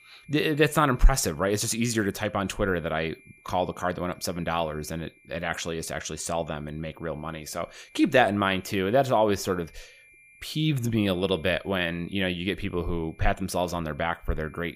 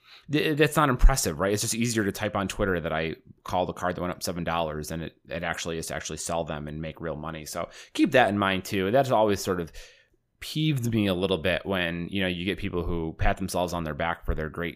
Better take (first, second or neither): second